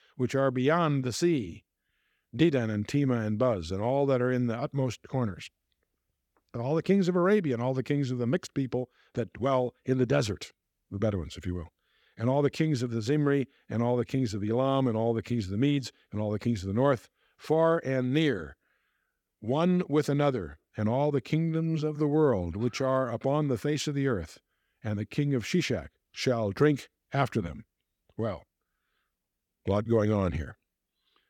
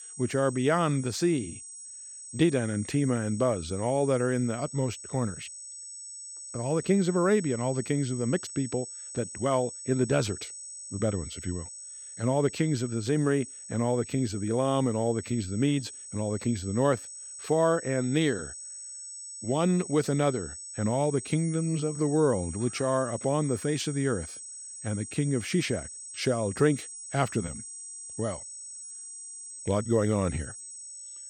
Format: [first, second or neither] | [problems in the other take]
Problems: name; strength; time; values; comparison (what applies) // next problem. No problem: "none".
first | high-pitched whine; noticeable; throughout; 8 kHz, 10 dB below the speech